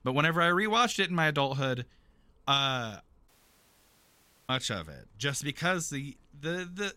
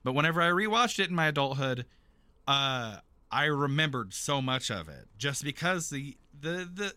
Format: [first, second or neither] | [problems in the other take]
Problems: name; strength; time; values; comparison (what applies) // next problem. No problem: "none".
second | audio cutting out; at 3.5 s for 1 s